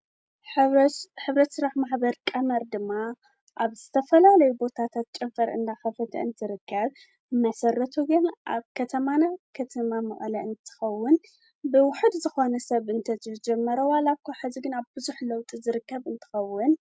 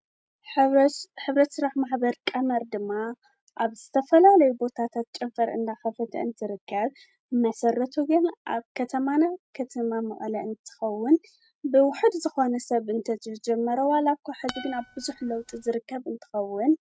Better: first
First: none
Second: noise reduction (neural mask model RNNoise)

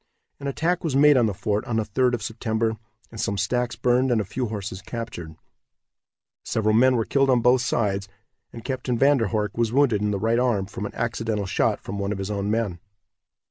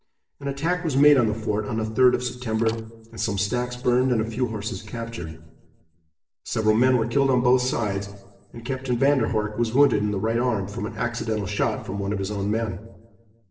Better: first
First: none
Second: noise reduction (neural separator model SepFormer DNS4)

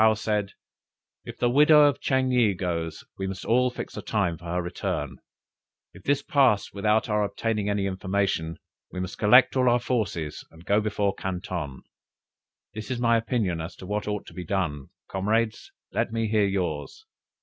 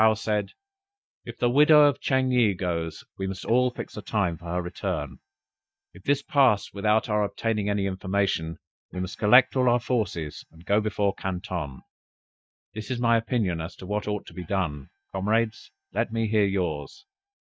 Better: first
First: none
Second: noise reduction (neural mask model DeepFilterNet 3)

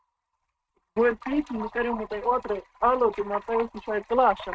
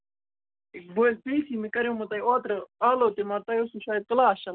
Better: second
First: noise reduction (neural mask model RNNoise)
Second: none

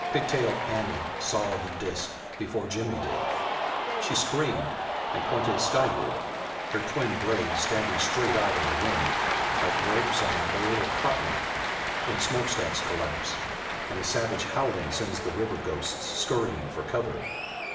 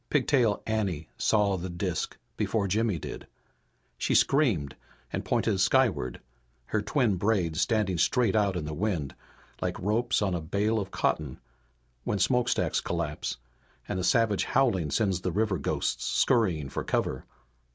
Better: second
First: background sound (Cheering); 1 dB above the speech // room echo; dies away in 0.8 s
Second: none

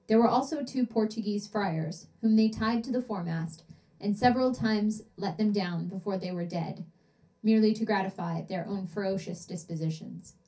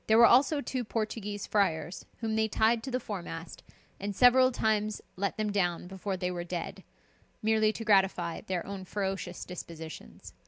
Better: second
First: room echo; dies away in 0.3 s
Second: none

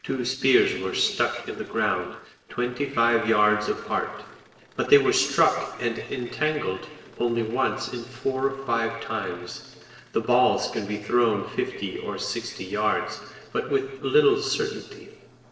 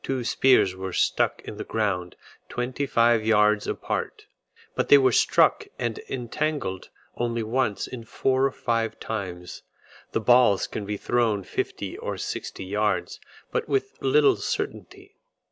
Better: second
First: noise reduction (neural separator model SepFormer DNS4)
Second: none

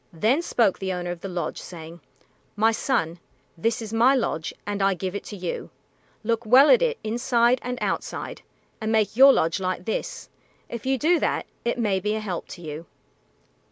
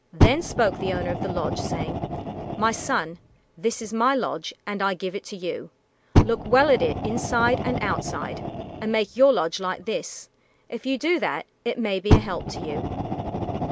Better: first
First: none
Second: background sound (Fire); 2 dB below the speech

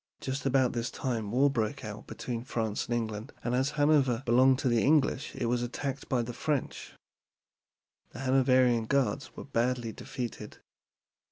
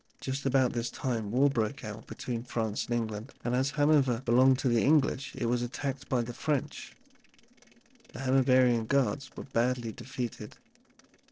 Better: first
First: none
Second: noise reduction (neural separator model SepFormer DNS4)

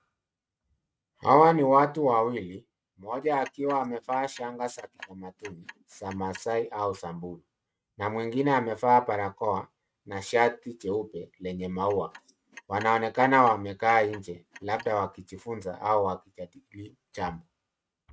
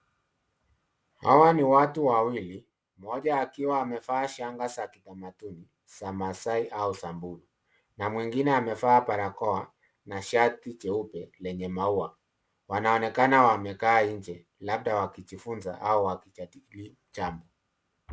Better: second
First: noise reduction (neural mask model RNNoise)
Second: none

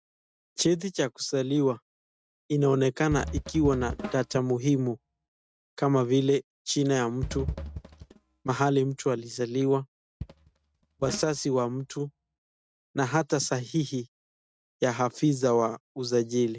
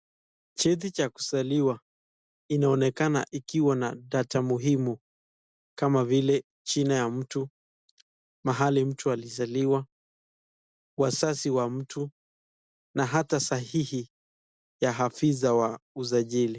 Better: second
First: noise reduction (neural mask model RNNoise)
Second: none

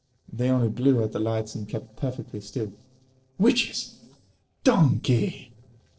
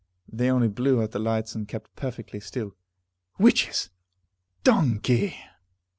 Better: second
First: noise reduction (neural separator model SepFormer DNS4)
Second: none

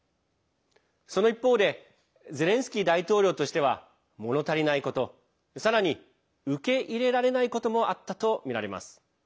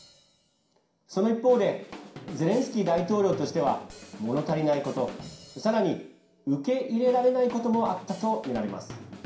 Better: first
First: none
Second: background sound (Drum / Drum kit); 17 dB below the speech // room echo; dies away in 0.5 s

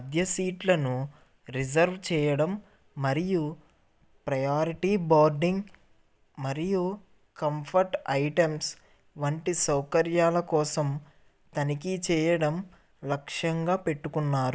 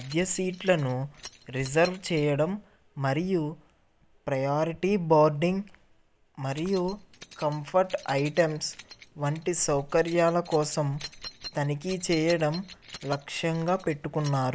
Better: first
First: none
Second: background sound (Keys jangling); 20 dB below the speech

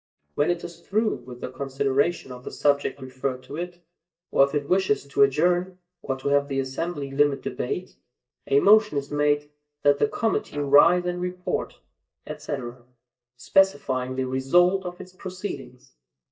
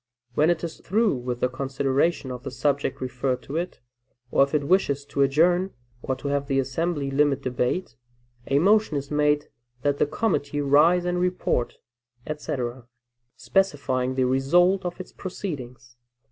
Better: second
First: noise reduction (neural mask model DeepFilterNet 3)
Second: none

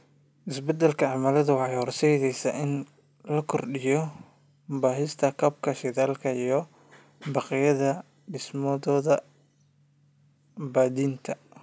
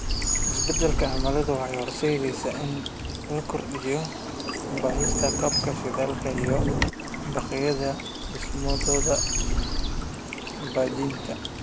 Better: first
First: none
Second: background sound (Stream / Bird vocalization, bird call, bird song); 2 dB above the speech

